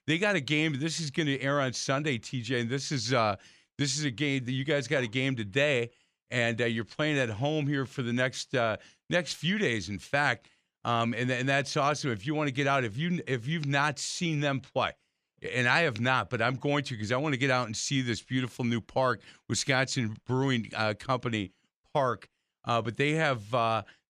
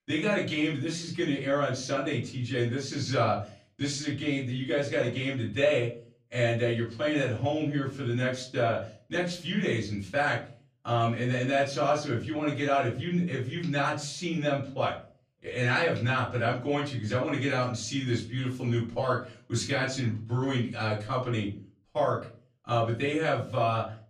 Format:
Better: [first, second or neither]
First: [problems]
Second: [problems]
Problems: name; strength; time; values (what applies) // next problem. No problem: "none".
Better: first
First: none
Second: off-mic speech; far // room echo; slight; dies away in 0.4 s